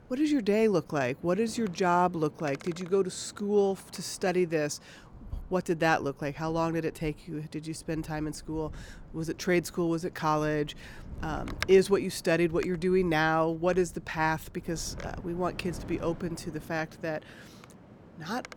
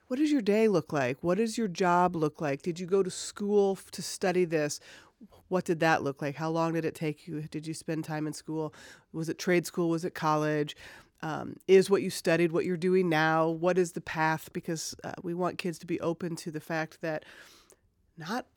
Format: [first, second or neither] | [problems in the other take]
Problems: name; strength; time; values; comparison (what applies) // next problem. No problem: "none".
second | wind noise on the microphone; occasional gusts; 20 dB below the speech